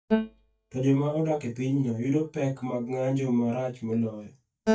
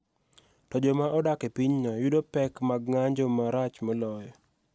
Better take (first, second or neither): second